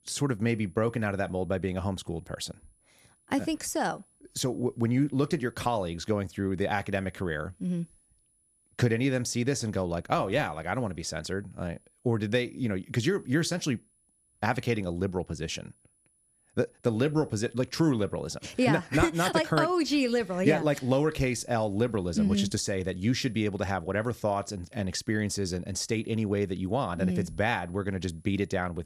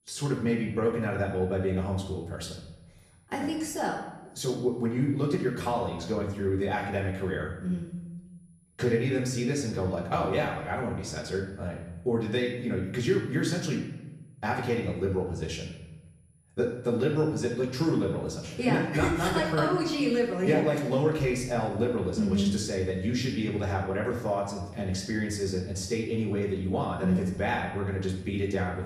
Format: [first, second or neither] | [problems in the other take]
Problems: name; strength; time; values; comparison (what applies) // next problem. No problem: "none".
first | off-mic speech; far // room echo; noticeable; dies away in 0.9 s